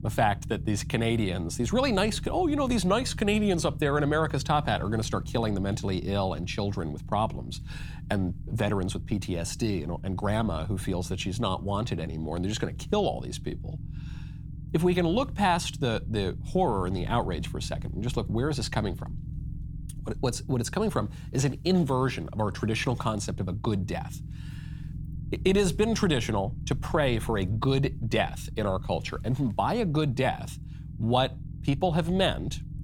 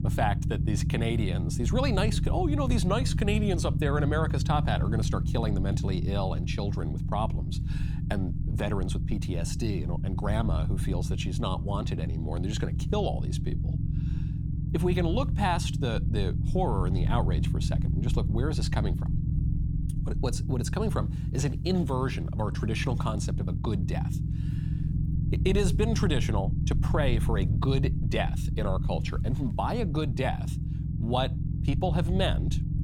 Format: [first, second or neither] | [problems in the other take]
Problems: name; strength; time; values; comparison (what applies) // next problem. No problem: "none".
first | low rumble; loud; throughout; 9 dB below the speech; faint in the first